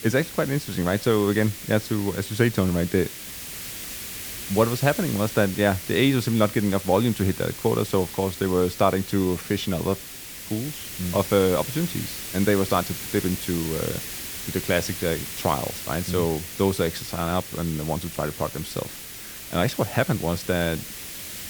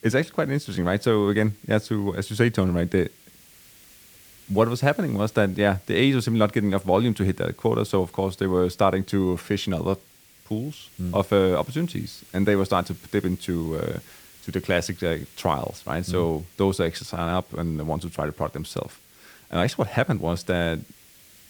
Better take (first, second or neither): second